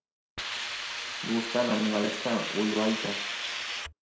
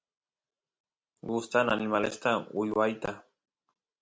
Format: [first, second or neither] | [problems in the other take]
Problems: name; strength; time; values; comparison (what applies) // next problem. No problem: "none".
second | background sound (Hiss); 3 dB below the speech // room echo; dies away in 0.6 s